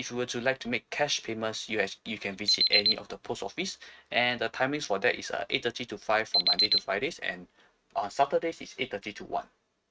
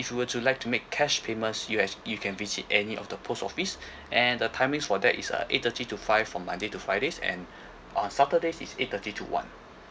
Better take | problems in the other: second | noise reduction (neural mask model RNNoise)

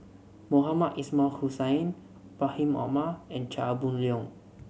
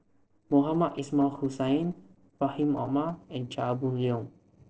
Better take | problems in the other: first | noise reduction (neural separator model SepFormer DNS4)

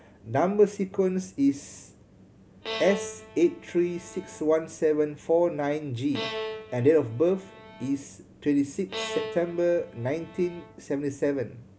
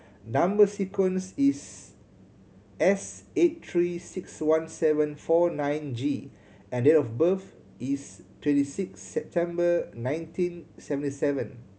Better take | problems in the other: second | background sound (Bowed string instrument); 12 dB below the speech

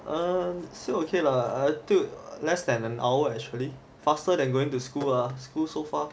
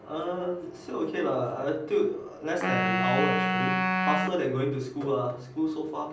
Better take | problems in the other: first | background sound (Wind instrument, woodwind instrument); as loud as the speech // room echo; dies away in 0.6 s

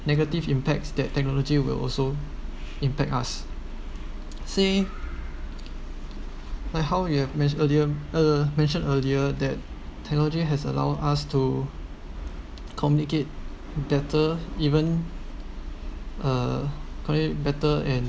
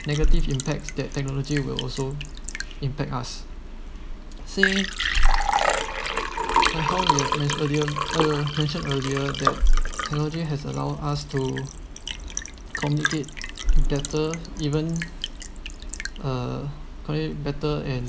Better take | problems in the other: first | background sound (Liquid); 3 dB above the speech

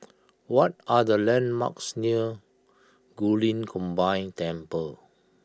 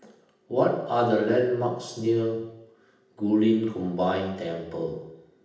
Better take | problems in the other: first | room echo; dies away in 0.8 s

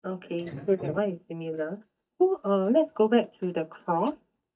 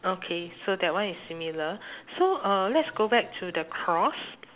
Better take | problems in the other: second | noise reduction (neural mask model DeepFilterNet 3)

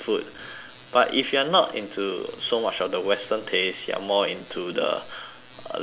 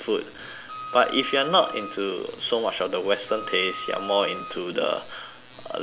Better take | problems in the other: first | background sound (Wind instrument, woodwind instrument); 11 dB below the speech

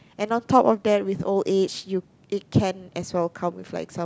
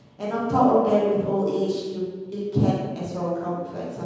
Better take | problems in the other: first | room echo; dies away in 1.2 s

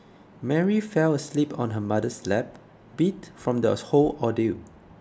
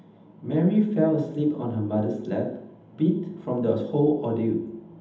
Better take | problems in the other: first | room echo; dies away in 0.8 s

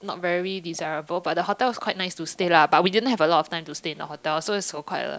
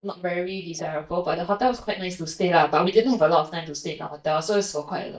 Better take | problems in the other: first | noise reduction (neural mask model DeepFilterNet 3)

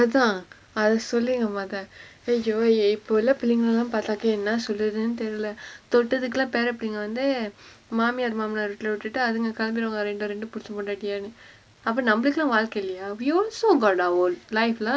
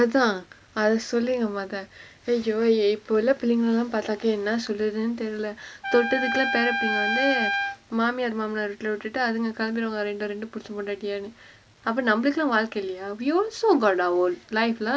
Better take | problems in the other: first | background sound (Trumpet); 3 dB below the speech

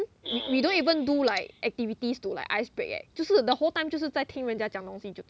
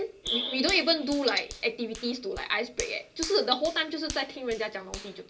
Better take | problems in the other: first | background sound (Hands); 14 dB below the speech // room echo; dies away in 0.2 s

